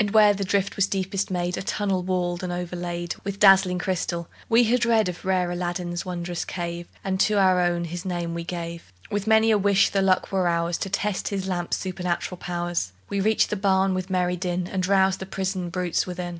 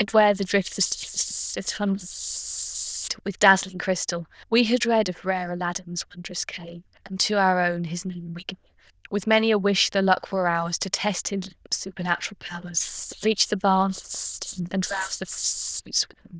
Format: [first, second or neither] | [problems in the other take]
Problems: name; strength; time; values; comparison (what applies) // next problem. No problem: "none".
first | noise reduction (neural diffusion model UNIVERSE++)